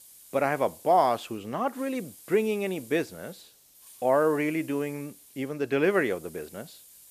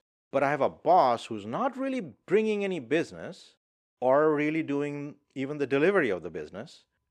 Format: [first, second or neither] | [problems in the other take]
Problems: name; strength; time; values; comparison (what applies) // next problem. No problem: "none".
second | hiss; faint; throughout; 20 dB below the speech